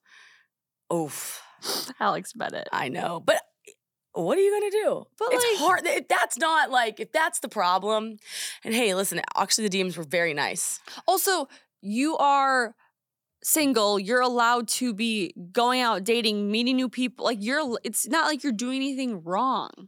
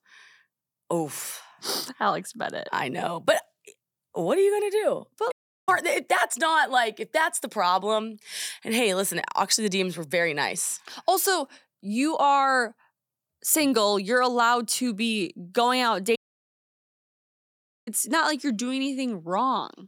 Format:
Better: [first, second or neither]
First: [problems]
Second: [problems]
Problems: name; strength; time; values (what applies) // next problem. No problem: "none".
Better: first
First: none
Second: audio cutting out; at 5.5 s and at 16 s for 1.5 s